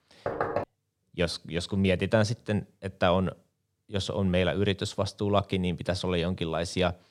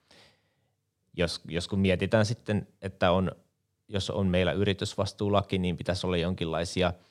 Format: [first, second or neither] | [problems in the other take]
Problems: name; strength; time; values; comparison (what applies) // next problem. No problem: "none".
second | door banging; noticeable; at 0.5 s; peak 2 dB below the speech